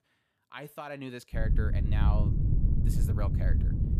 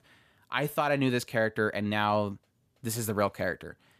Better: second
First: wind noise on the microphone; heavy; from 1.5 s on; 2 dB below the speech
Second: none

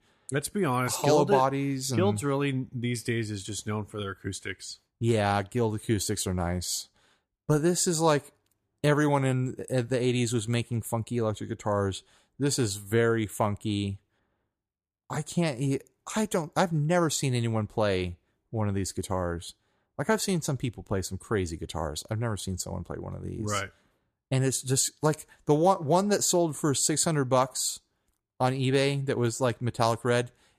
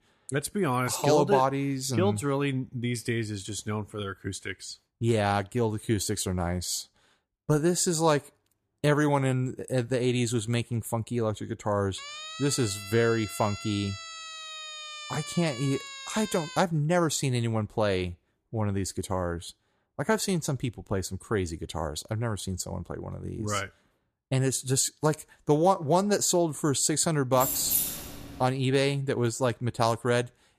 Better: first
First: none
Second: siren; noticeable; from 12 to 17 s; peak 10 dB below the speech // jangling keys; loud; at 27 s; peak 3 dB above the speech

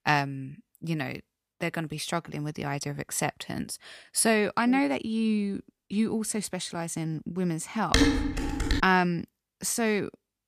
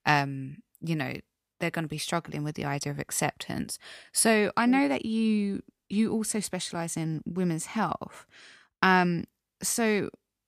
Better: second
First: clattering dishes; loud; at 8 s; peak 6 dB above the speech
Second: none

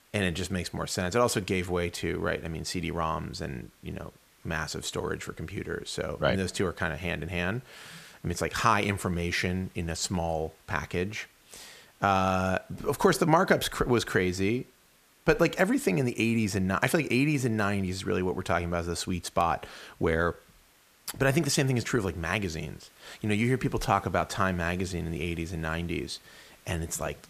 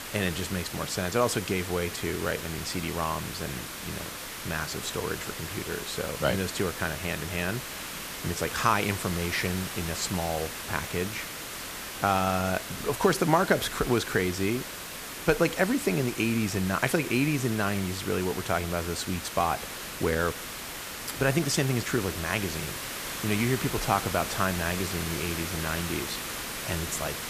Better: first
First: hiss; faint; throughout; 30 dB below the speech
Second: hiss; loud; throughout; 6 dB below the speech

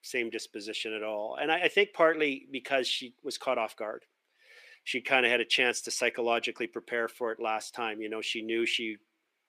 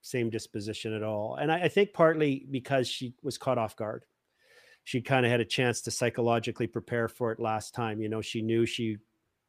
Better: second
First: thin; somewhat; fading below 300 Hz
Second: none

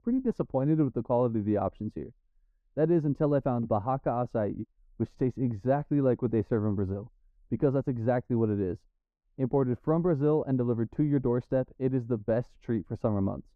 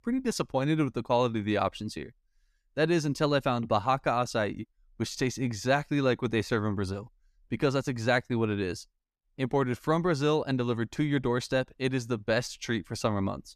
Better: second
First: muffled; very; fading above 1.5 kHz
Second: none

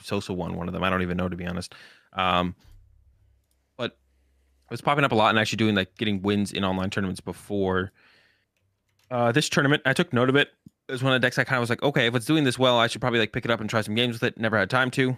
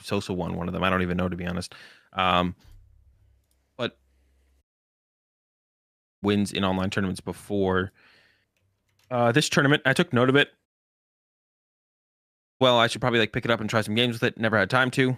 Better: first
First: none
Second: audio cutting out; at 4.5 s for 1.5 s and at 11 s for 2 s

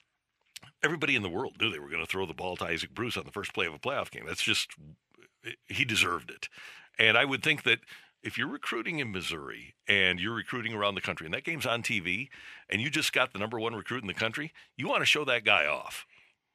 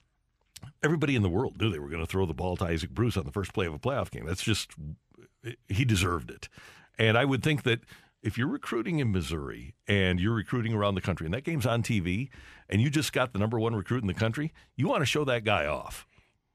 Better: second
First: thin; somewhat; fading below 950 Hz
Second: none

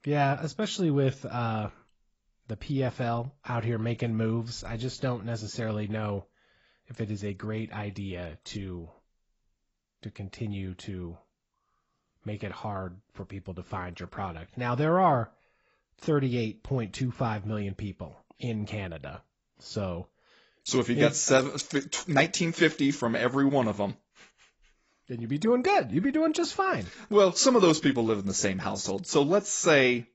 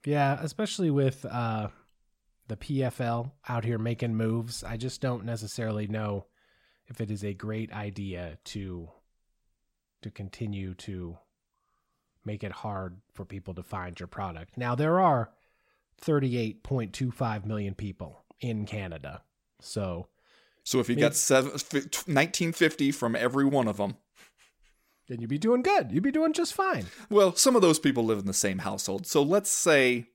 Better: second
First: garbled, watery; badly; nothing above 7.5 kHz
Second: none

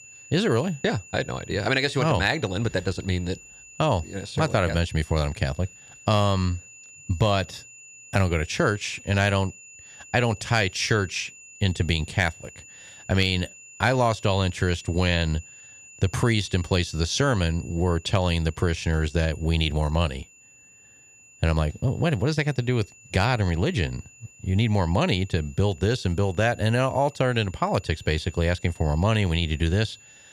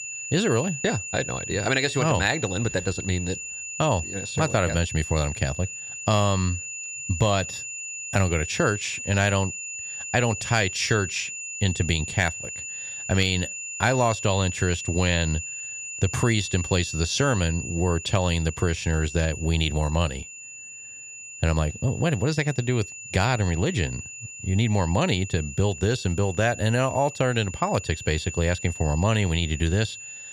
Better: first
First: high-pitched whine; faint; throughout; 7 kHz, 20 dB below the speech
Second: high-pitched whine; loud; throughout; 7 kHz, 8 dB below the speech

